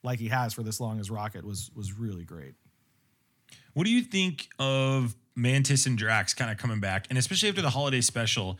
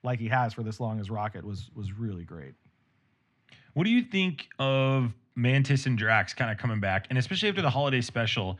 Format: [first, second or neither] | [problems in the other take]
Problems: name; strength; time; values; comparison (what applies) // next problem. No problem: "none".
first | muffled; slightly; fading above 2.5 kHz